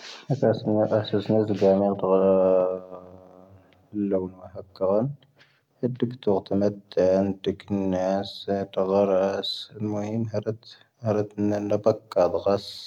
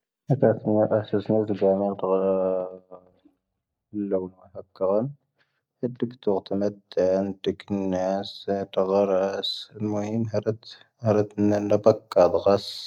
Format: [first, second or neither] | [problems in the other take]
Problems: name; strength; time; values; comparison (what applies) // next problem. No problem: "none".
first | noise reduction (neural mask model DeepFilterNet 3)